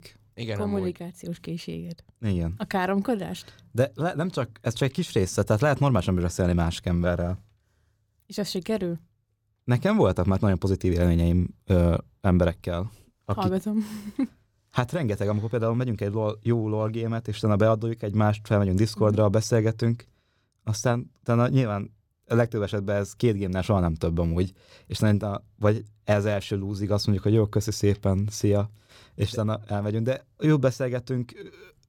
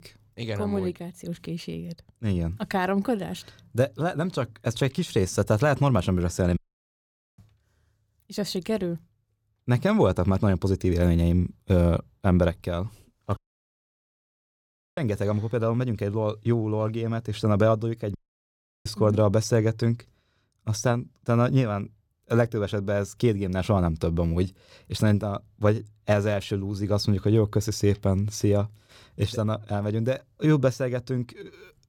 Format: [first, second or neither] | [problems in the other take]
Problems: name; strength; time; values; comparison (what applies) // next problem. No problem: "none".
first | audio cutting out; at 6.5 s for 1 s, at 13 s for 1.5 s and at 18 s for 0.5 s